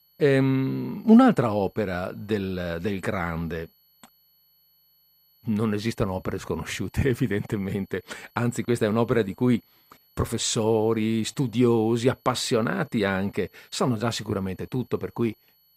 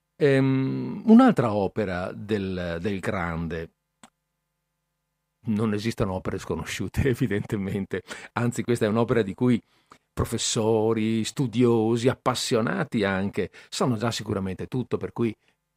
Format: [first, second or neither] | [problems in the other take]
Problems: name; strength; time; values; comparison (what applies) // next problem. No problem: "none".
second | high-pitched whine; faint; throughout; 12 kHz, 35 dB below the speech